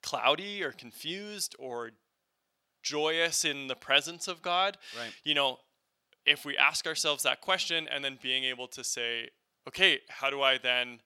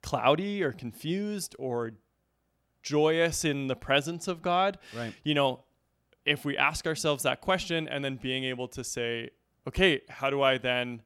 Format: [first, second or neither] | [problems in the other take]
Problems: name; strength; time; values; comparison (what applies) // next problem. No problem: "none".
second | thin; somewhat; fading below 950 Hz